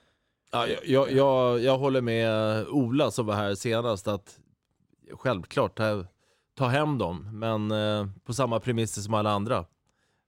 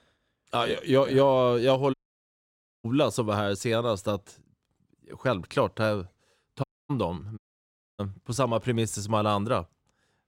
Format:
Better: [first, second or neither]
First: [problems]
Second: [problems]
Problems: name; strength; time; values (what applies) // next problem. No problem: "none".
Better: first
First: none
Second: audio cutting out; at 2 s for 1 s, at 6.5 s and at 7.5 s for 0.5 s